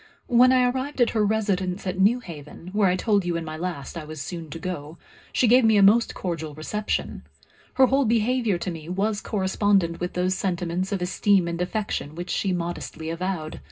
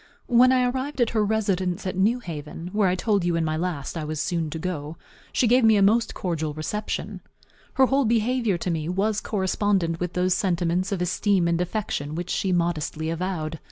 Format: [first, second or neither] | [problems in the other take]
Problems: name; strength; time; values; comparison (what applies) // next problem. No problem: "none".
second | room echo; dies away in 0.2 s